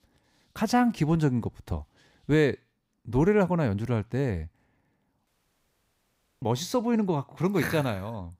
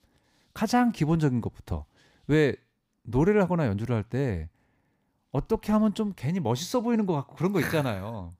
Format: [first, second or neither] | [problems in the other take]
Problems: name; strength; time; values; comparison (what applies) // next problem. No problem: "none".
second | audio cutting out; at 5.5 s for 1 s